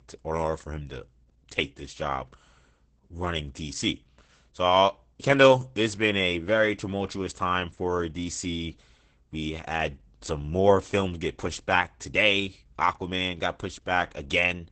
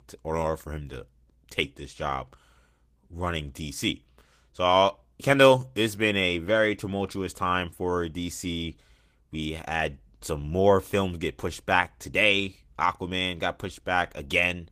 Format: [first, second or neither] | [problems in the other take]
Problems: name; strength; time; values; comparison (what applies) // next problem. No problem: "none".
second | garbled, watery; badly; nothing above 8 kHz; slightly in the second